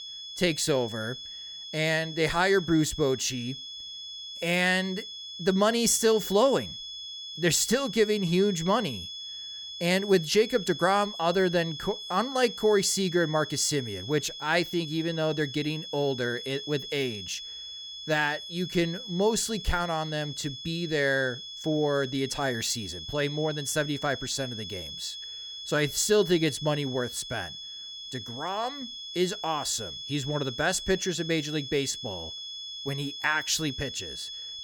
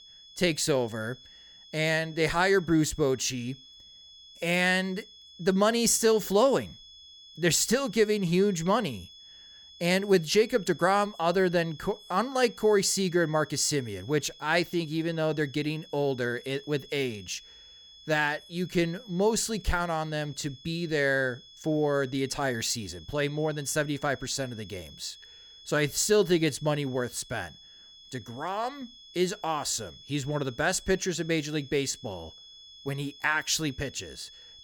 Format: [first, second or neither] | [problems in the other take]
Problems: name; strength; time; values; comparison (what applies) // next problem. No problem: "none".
second | high-pitched whine; loud; throughout; 3.5 kHz, 9 dB below the speech; faint in the second